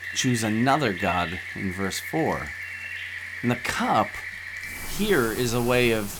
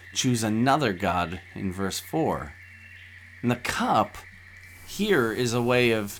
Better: second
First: rain or running water; loud; throughout; 8 dB below the speech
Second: rain or running water; faint; throughout; 20 dB below the speech

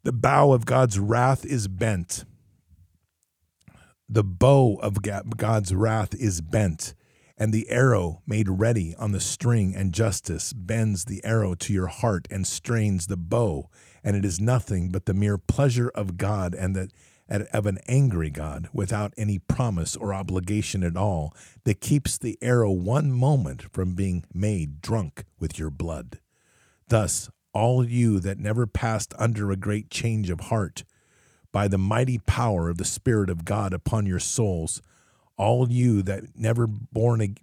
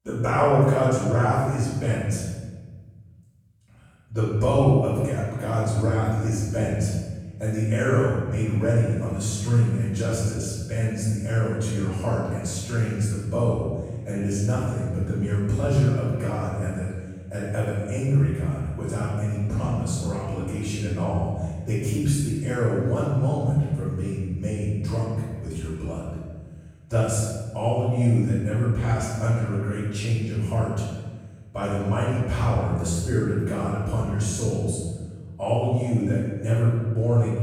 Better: first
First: none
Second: off-mic speech; far // room echo; strong; dies away in 1.3 s

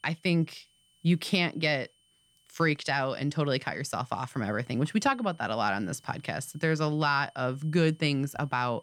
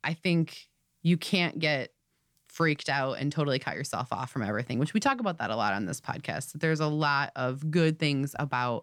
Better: second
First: high-pitched whine; faint; throughout; 3 kHz, 35 dB below the speech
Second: none

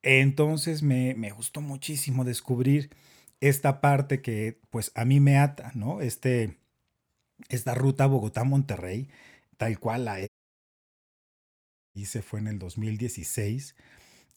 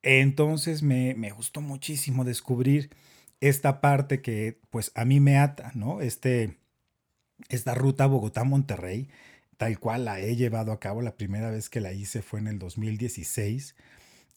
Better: second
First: audio cutting out; at 10 s for 1.5 s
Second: none

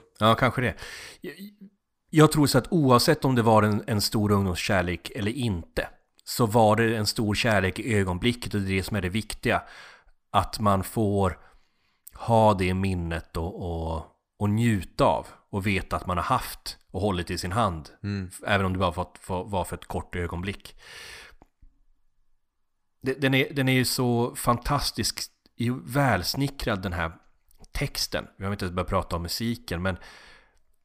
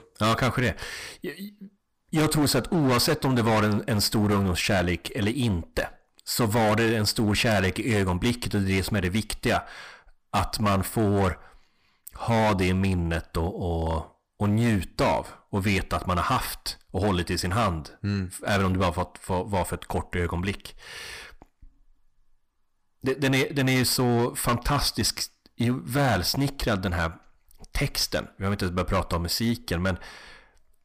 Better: first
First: none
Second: distortion; heavy; 11% of the sound clipped

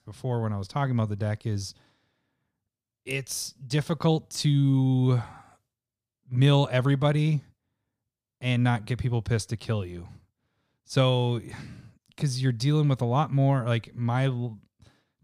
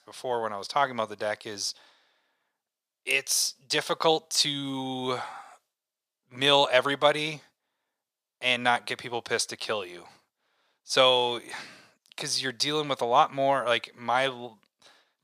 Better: first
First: none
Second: thin; very; fading below 650 Hz

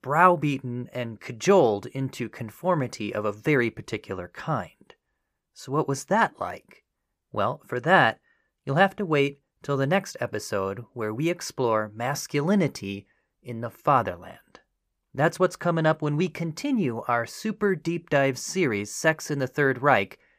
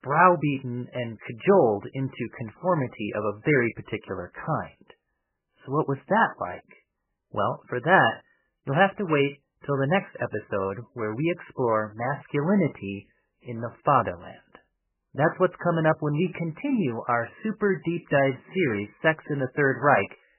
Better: first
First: none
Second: garbled, watery; badly; nothing above 3 kHz

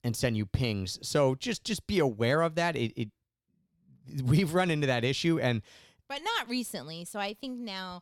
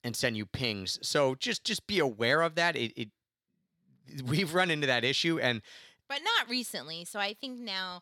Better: first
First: none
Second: thin; very slightly; fading below 550 Hz

